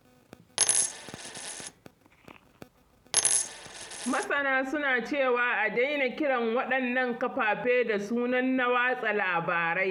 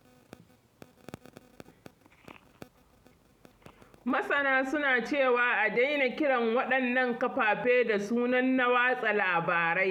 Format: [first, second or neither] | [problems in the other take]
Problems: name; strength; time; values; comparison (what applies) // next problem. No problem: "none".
second | background sound (Coin (dropping)); 1 dB below the speech